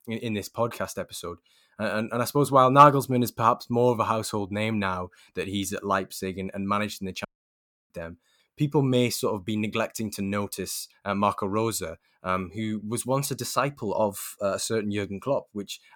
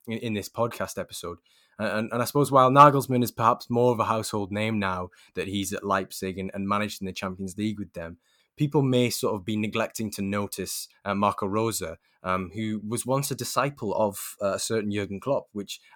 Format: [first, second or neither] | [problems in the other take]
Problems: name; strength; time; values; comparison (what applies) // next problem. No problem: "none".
second | audio cutting out; at 7.5 s for 0.5 s